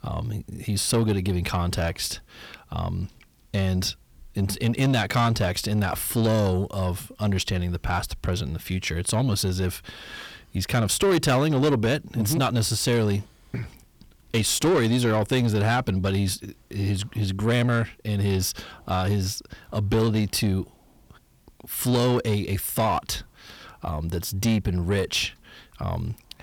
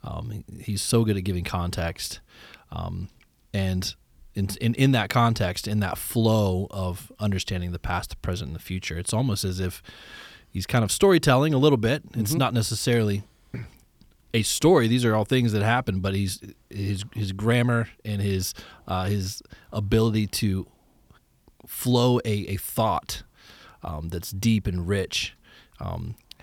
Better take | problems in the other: second | distortion; slight; 10 dB below the speech

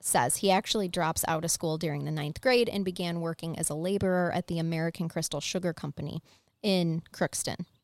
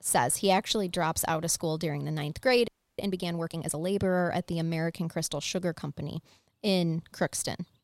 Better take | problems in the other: first | audio freezing; at 2.5 s

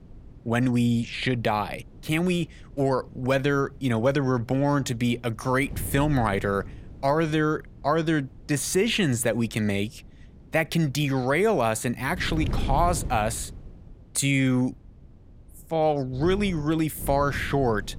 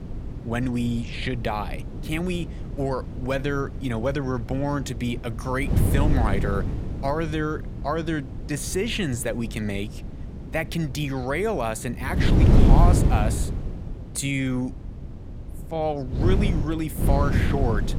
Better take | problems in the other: first | wind noise on the microphone; heavy; 7 dB below the speech; occasional gusts in the first

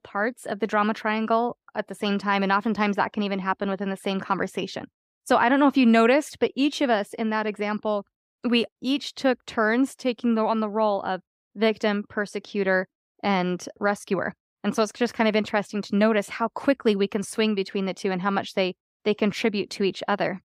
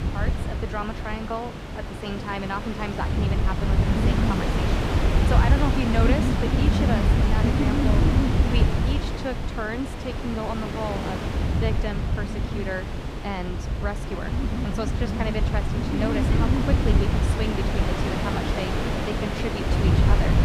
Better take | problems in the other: first | wind noise on the microphone; heavy; 1 dB above the speech

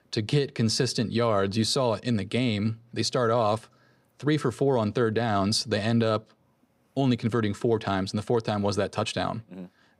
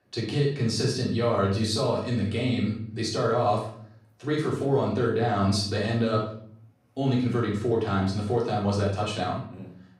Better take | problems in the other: first | off-mic speech; far // room echo; noticeable; dies away in 0.5 s

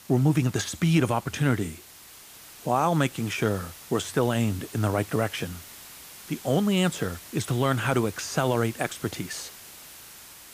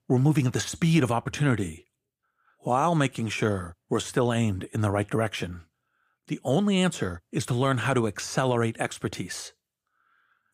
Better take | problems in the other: second | hiss; noticeable; throughout; 15 dB below the speech

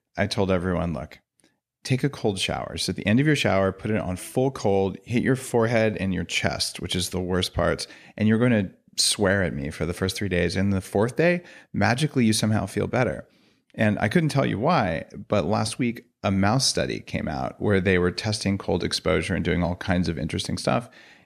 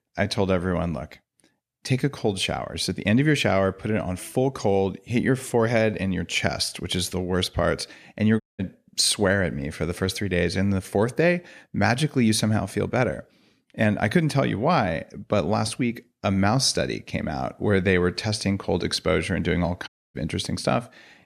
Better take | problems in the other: first | audio cutting out; at 8.5 s and at 20 s

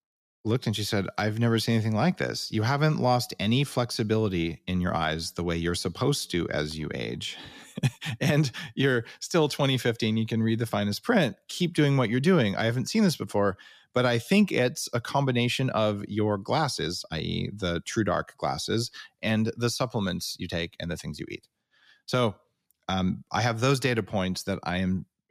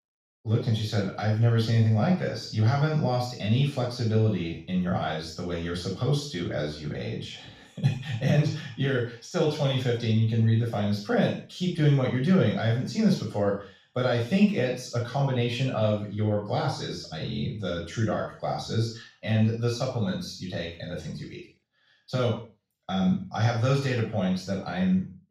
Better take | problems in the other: first | room echo; noticeable; dies away in 0.4 s // off-mic speech; far

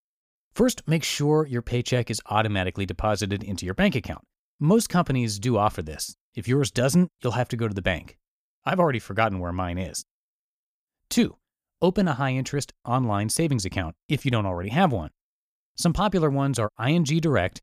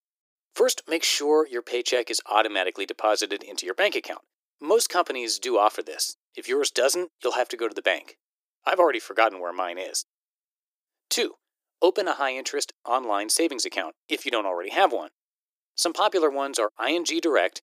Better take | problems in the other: first | thin; very; fading below 350 Hz

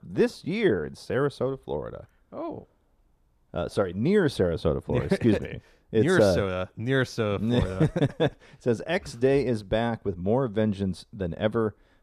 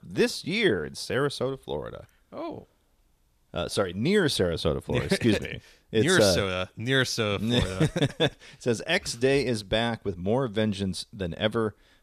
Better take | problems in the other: second | muffled; slightly; fading above 2 kHz

